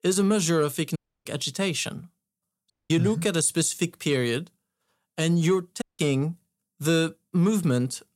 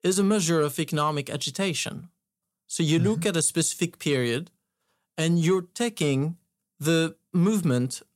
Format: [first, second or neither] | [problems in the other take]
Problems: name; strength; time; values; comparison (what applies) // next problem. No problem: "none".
second | audio cutting out; at 1 s, at 2.5 s and at 6 s